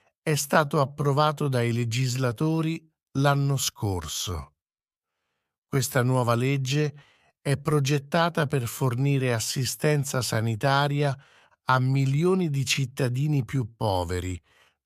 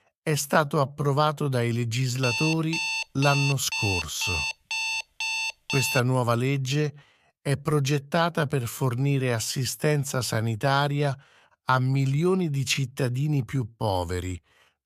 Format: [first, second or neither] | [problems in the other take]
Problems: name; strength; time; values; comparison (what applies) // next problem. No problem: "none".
first | alarm; noticeable; from 2 to 6 s; peak level with the speech